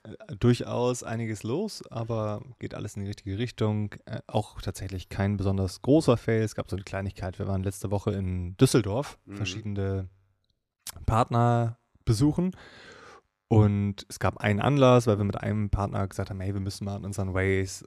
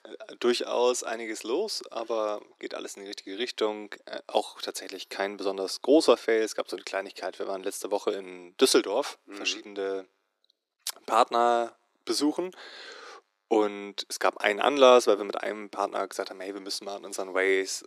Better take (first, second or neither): first